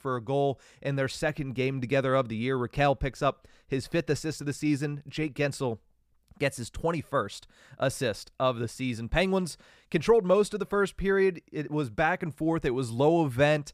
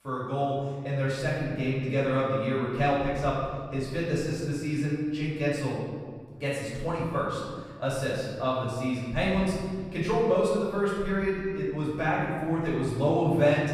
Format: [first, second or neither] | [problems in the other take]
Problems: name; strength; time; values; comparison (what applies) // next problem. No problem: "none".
first | off-mic speech; far // room echo; noticeable; dies away in 1.7 s